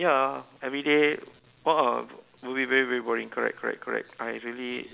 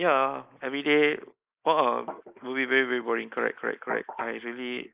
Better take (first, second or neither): first